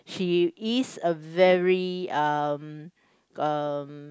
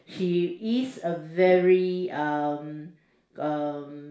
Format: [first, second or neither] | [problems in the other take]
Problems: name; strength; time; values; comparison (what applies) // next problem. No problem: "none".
first | room echo; dies away in 0.5 s